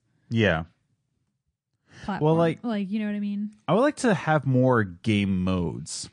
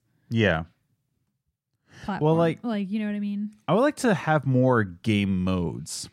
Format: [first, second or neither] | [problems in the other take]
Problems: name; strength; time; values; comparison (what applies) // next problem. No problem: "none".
second | garbled, watery; slightly; nothing above 8.5 kHz